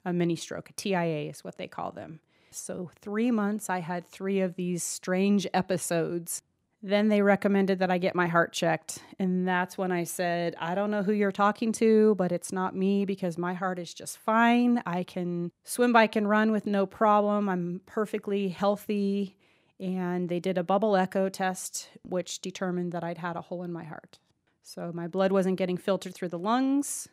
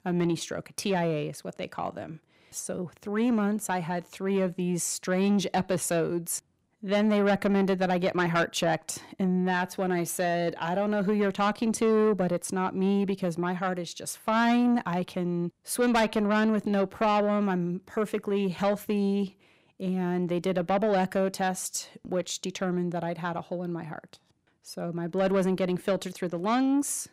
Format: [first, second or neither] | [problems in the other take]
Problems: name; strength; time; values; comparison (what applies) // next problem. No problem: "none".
first | distortion; slight; 10 dB below the speech